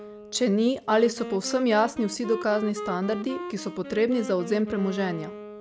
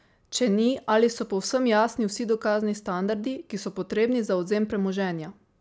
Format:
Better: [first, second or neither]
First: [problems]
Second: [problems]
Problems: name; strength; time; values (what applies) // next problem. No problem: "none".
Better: second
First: background sound (Wind instrument, woodwind instrument); 12 dB below the speech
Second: none